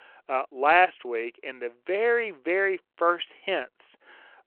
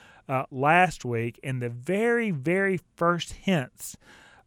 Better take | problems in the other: second | phone-call audio

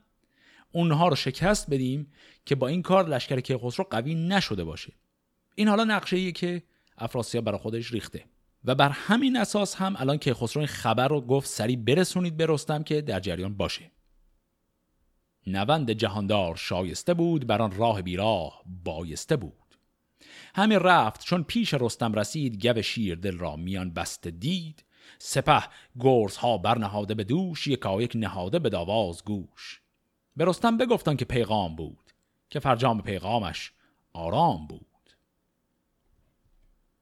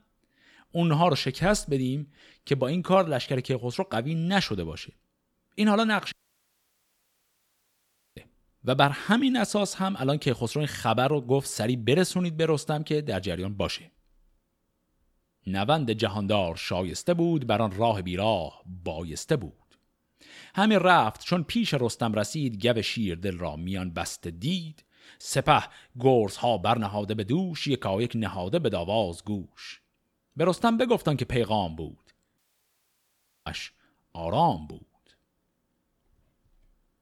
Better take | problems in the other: first | audio cutting out; at 6 s for 2 s and at 32 s for 1 s

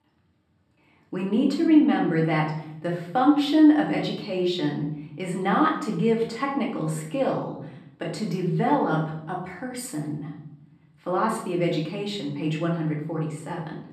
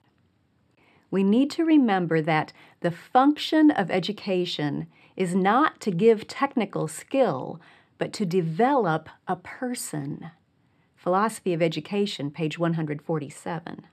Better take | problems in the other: second | room echo; noticeable; dies away in 0.7 s // off-mic speech; far

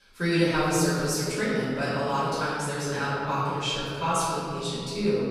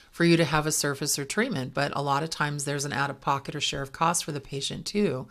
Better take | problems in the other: second | off-mic speech; far // room echo; strong; dies away in 2.2 s

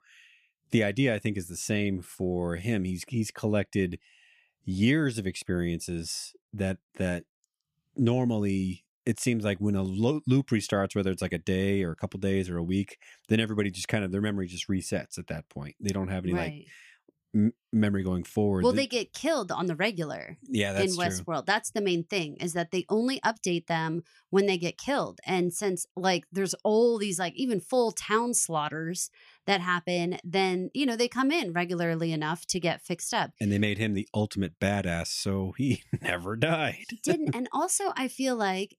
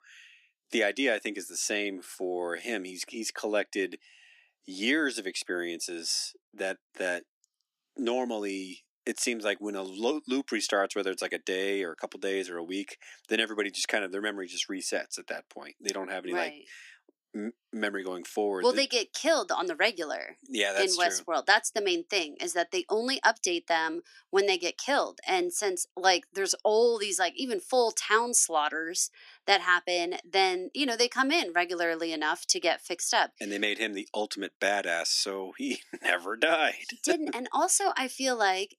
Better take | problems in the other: first | thin; somewhat; fading below 250 Hz

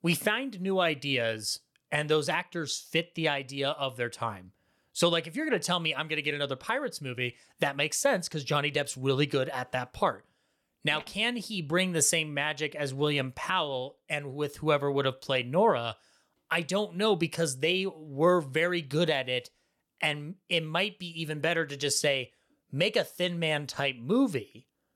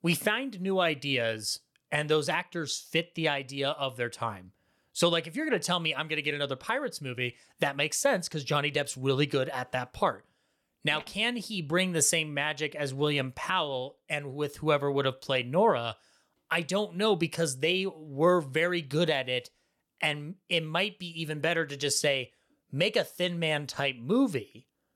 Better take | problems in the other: neither | none

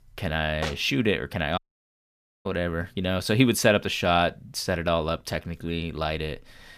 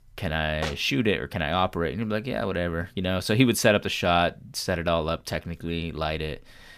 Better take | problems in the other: second | audio cutting out; at 1.5 s for 1 s

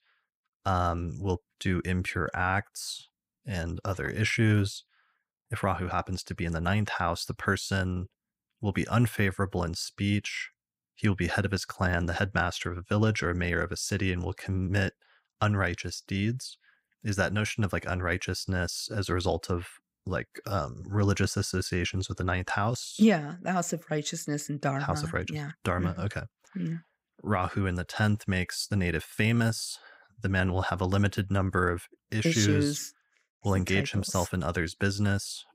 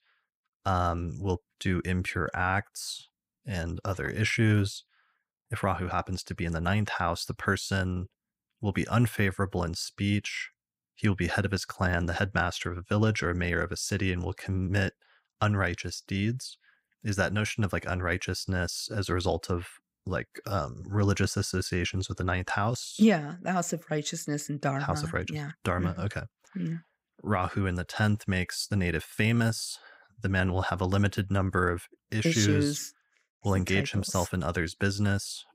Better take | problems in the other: neither | none

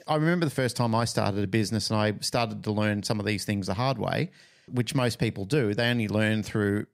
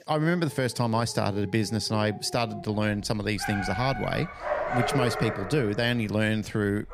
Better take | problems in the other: first | animal sounds; loud; throughout; 6 dB below the speech

